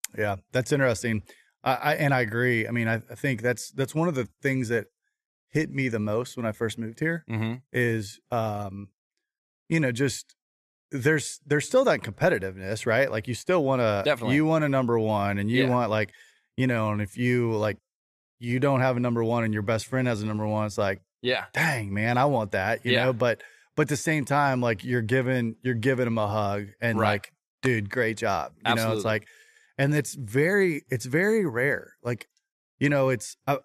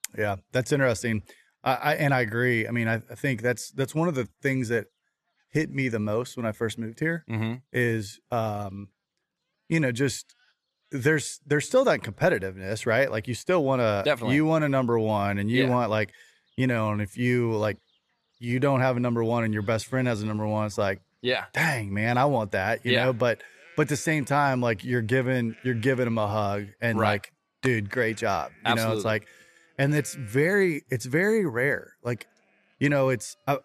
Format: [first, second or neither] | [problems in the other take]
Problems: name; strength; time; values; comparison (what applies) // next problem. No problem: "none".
first | animal sounds; faint; throughout; 30 dB below the speech